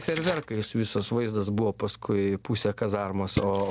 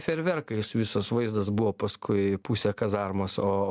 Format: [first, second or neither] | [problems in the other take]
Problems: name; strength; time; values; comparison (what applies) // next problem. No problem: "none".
second | background sound (Splash, splatter); 13 dB below the speech